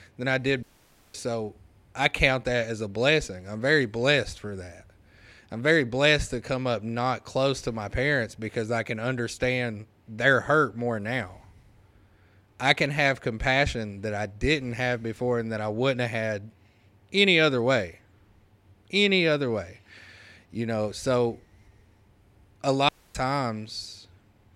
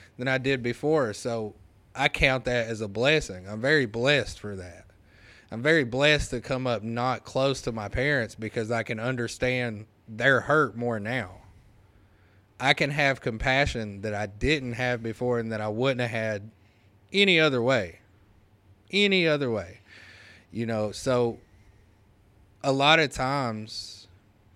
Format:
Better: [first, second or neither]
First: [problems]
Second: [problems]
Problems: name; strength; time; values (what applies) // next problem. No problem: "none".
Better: second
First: audio cutting out; at 0.5 s for 0.5 s and at 23 s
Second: none